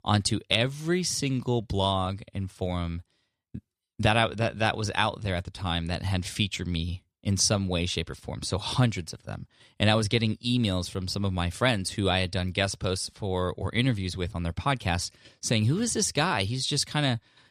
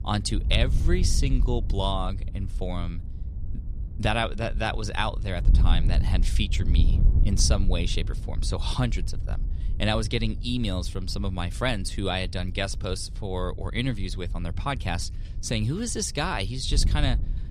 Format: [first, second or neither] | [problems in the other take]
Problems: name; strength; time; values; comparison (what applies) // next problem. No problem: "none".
first | wind noise on the microphone; occasional gusts; 15 dB below the speech